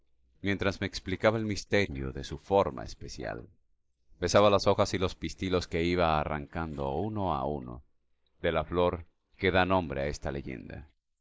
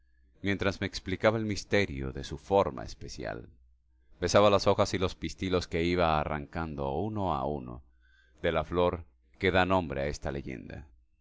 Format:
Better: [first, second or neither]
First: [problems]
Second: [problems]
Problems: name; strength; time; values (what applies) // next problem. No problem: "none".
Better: second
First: noise reduction (neural mask model Resemble Enhance denoiser)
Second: none